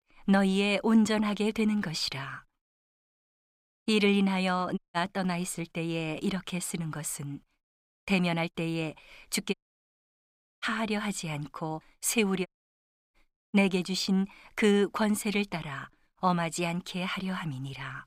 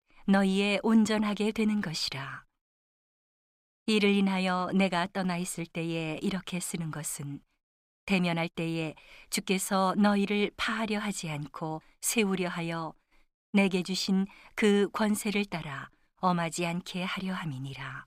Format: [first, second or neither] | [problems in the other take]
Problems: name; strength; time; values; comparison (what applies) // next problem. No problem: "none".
second | audio cutting out; at 5 s, at 9.5 s for 1 s and at 12 s for 0.5 s